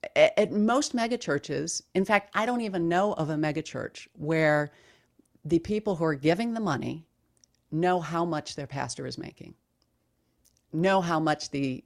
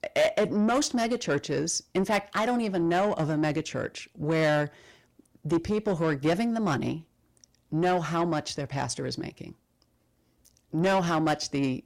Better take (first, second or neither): first